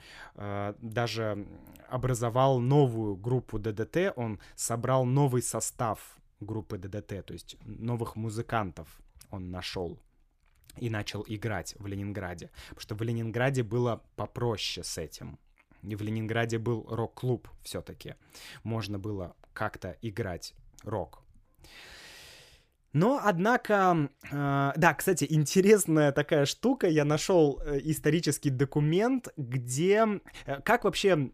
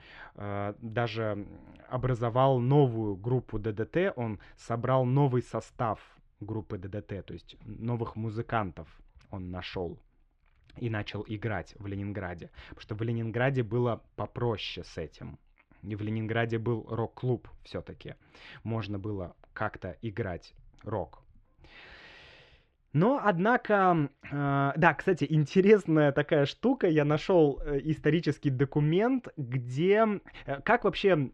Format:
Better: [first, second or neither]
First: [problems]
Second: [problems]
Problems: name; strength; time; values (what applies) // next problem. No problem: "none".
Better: first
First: none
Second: muffled; slightly; fading above 3.5 kHz